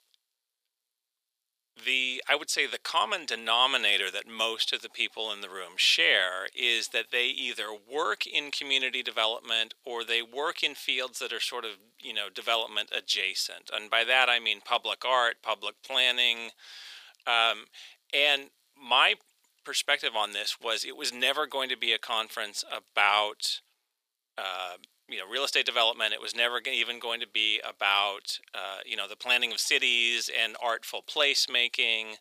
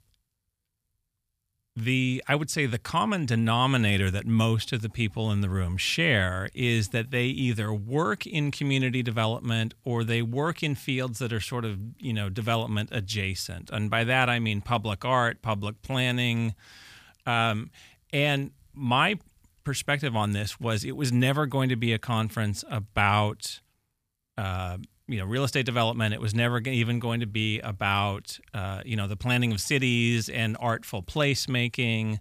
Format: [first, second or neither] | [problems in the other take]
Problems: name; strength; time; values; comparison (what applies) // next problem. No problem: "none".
second | thin; very; fading below 450 Hz